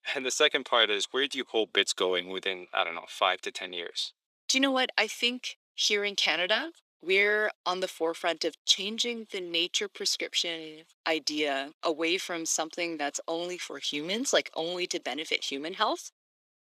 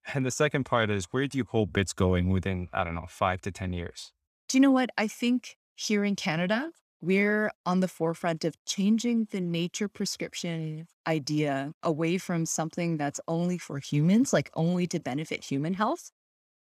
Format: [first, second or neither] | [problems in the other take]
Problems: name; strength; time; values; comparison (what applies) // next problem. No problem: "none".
second | thin; somewhat; fading below 350 Hz